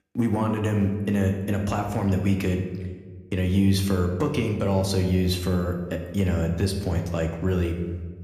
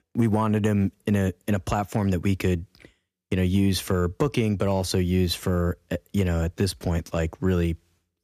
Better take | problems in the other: second | room echo; slight; dies away in 1.1 s

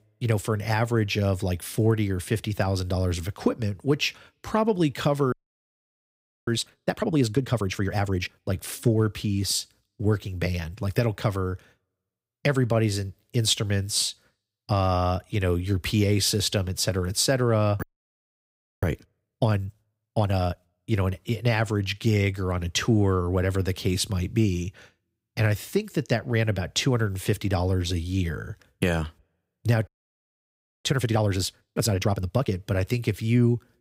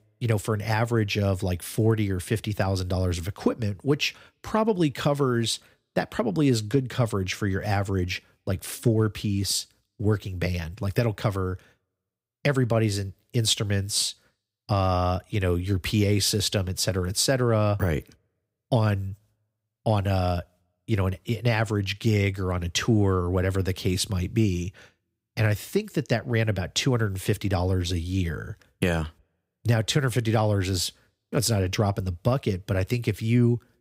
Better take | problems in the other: second | audio freezing; at 5.5 s for 1 s, at 18 s for 1 s and at 30 s for 1 s

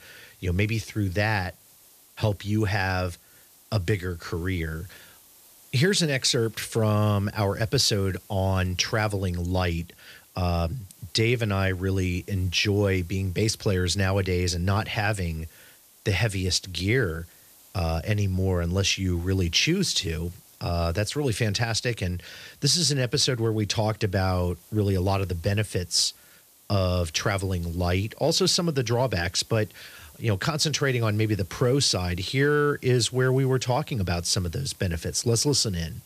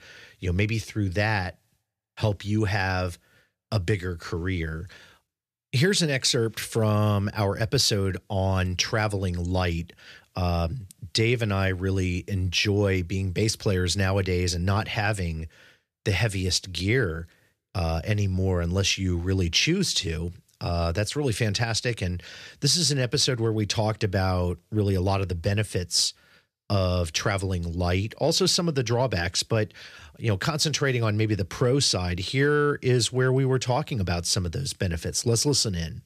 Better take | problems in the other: second | hiss; faint; throughout; 25 dB below the speech

